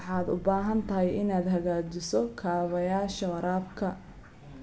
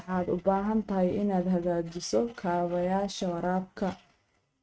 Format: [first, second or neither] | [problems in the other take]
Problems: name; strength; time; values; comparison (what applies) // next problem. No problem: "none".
first | noise reduction (neural mask model RNNoise)